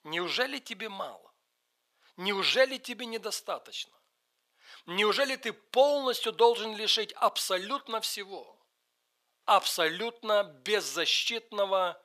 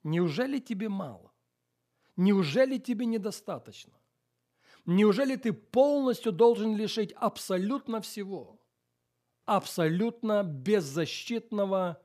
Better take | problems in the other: second | thin; very; fading below 750 Hz

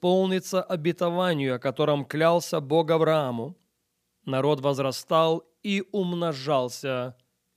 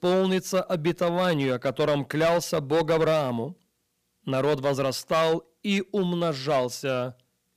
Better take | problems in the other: first | distortion; slight; 7% of the sound clipped

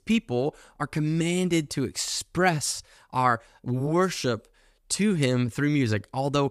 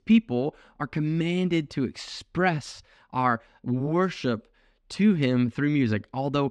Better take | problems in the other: first | muffled; slightly; fading above 3 kHz

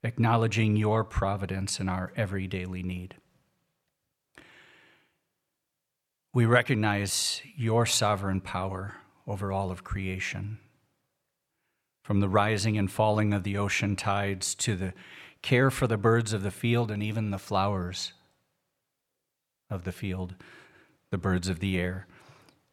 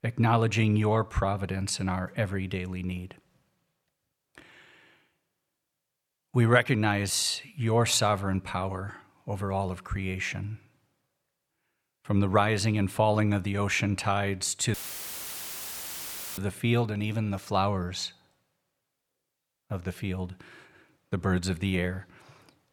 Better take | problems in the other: first | audio cutting out; filled with static; at 15 s for 1.5 s

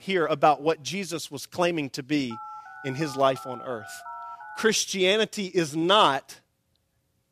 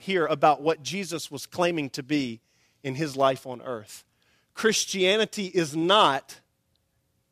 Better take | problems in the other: second | phone ringing; faint; from 2.5 to 4.5 s; peak 15 dB below the speech

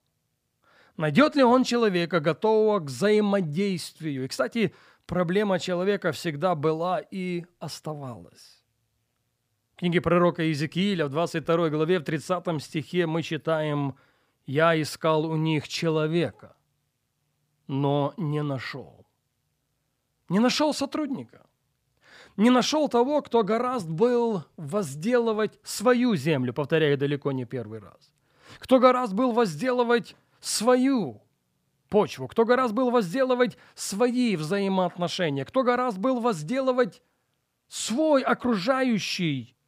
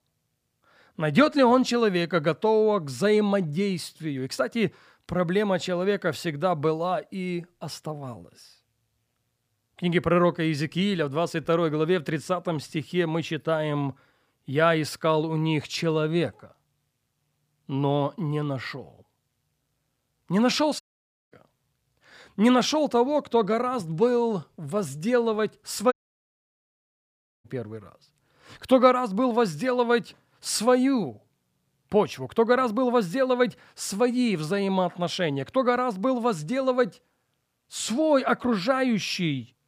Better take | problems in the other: first | audio cutting out; at 21 s for 0.5 s and at 26 s for 1.5 s

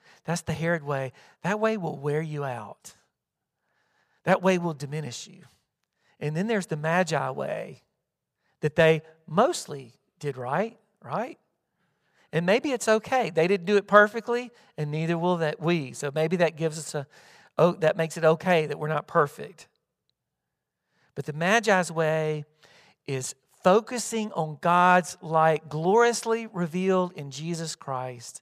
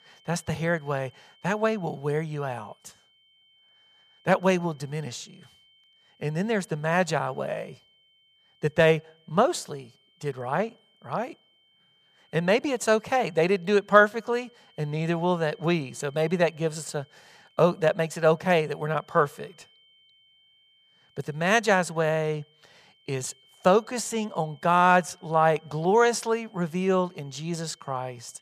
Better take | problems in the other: first | high-pitched whine; faint; throughout; 3 kHz, 35 dB below the speech

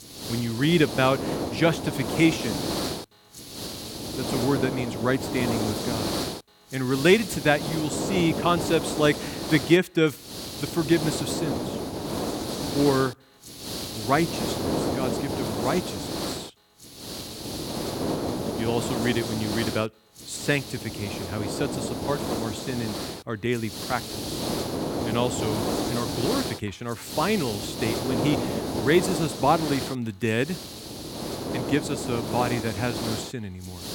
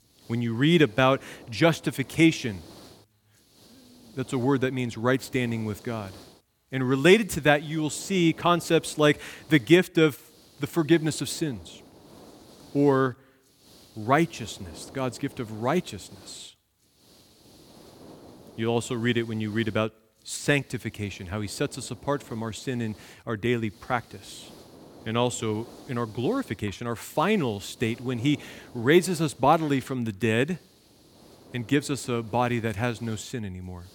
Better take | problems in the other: second | hiss; loud; throughout; 4 dB below the speech; faint in the second

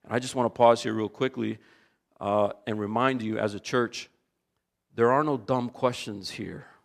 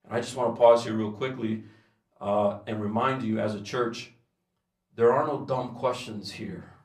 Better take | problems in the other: first | off-mic speech; far // room echo; very slight; dies away in 0.3 s

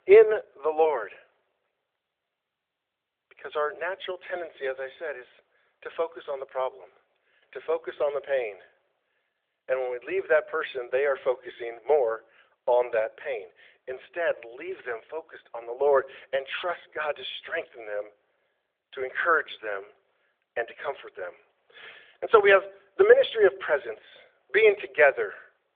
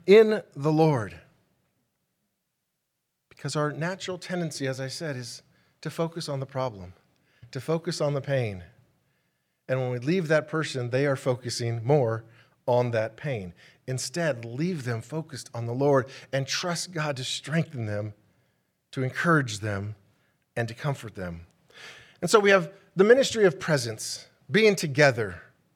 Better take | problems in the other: second | phone-call audio; nothing above 3.5 kHz

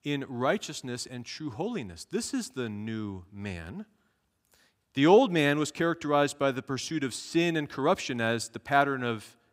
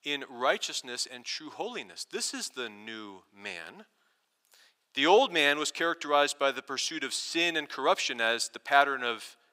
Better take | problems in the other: first | thin; somewhat; fading below 500 Hz

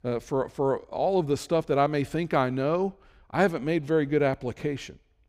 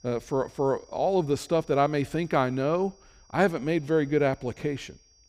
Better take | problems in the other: first | high-pitched whine; faint; throughout; 5.5 kHz, 30 dB below the speech

